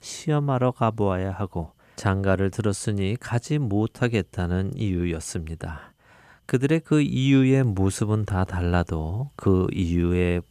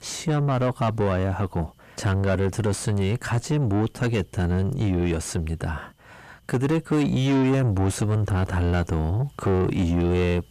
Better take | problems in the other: first | distortion; heavy; 7 dB below the speech

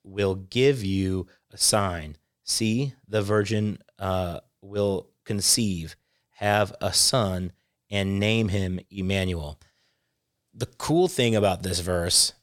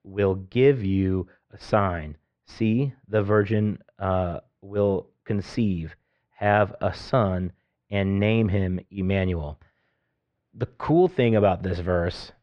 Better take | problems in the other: first | muffled; very; fading above 2 kHz

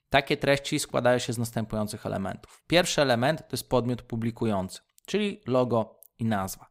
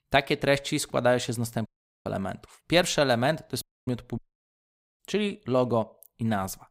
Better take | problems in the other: first | audio cutting out; at 1.5 s, at 3.5 s and at 4 s for 1 s

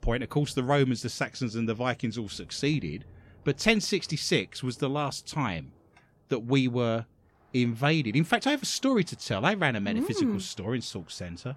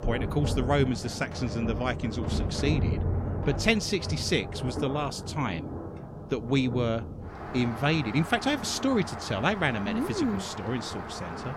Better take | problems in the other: first | rain or running water; loud; throughout; 6 dB below the speech; faint in the first

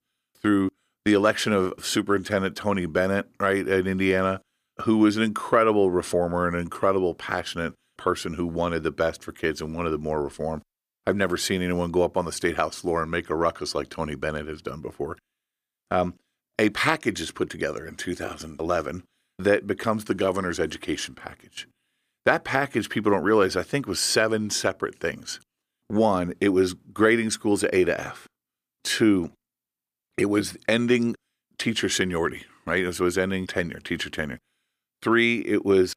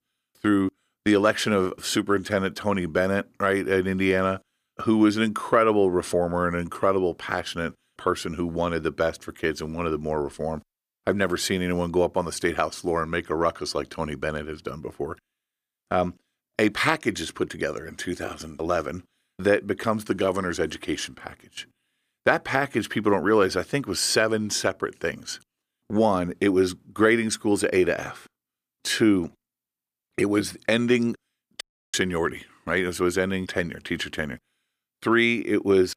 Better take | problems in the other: first | audio cutting out; at 32 s

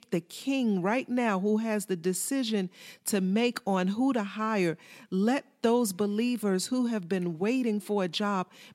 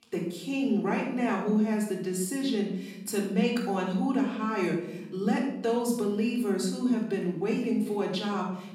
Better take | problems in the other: first | room echo; noticeable; dies away in 0.8 s // off-mic speech; far

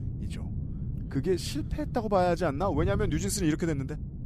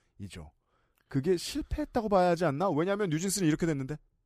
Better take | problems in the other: second | wind noise on the microphone; occasional gusts; 15 dB below the speech

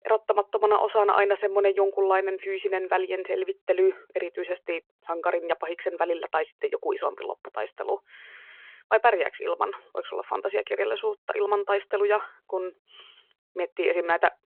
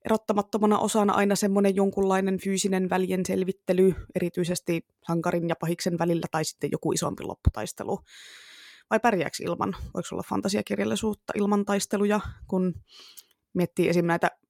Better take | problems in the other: second | phone-call audio

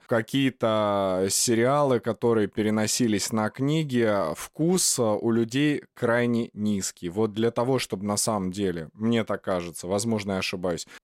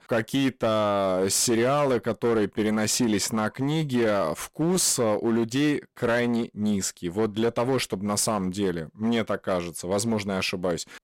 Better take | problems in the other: first | distortion; slight; 10% of the sound clipped

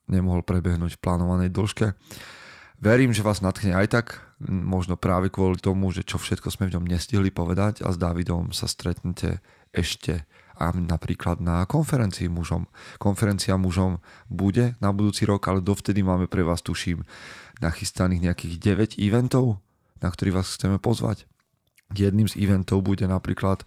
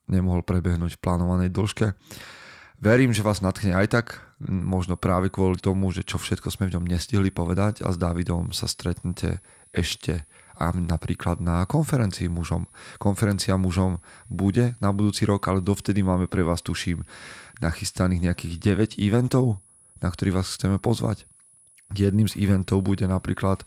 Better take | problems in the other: first | high-pitched whine; faint; from 4.5 s on; 10.5 kHz, 25 dB below the speech

